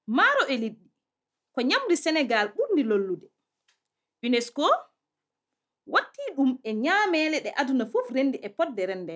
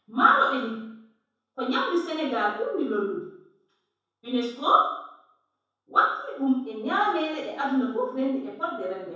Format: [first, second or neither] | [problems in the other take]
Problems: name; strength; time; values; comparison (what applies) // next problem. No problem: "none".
first | room echo; dies away in 0.7 s